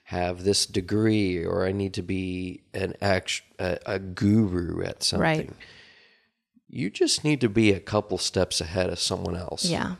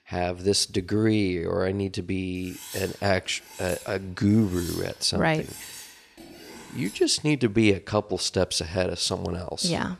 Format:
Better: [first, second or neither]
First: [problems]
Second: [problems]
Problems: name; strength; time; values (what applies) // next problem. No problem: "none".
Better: first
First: none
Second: clattering dishes; faint; from 2.5 to 7 s; peak 10 dB below the speech